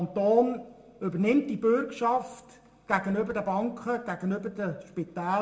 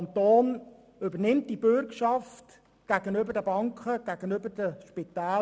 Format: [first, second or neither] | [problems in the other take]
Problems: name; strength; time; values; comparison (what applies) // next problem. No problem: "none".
second | room echo; dies away in 0.6 s